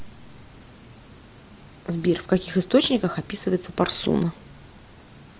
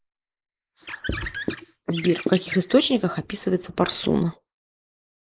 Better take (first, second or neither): first